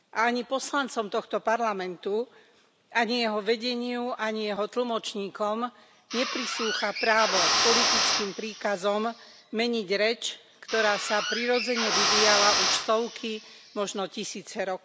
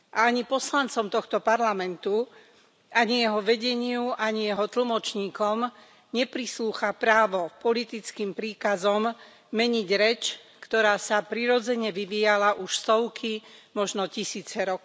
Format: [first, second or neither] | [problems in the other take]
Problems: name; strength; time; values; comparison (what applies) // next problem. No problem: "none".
second | background sound (Drill); as loud as the speech